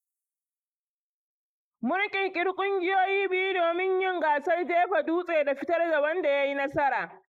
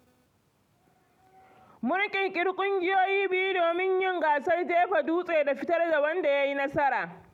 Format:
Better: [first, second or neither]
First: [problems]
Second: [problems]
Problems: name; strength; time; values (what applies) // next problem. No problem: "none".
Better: second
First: noise reduction (neural mask model Resemble Enhance denoiser)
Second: none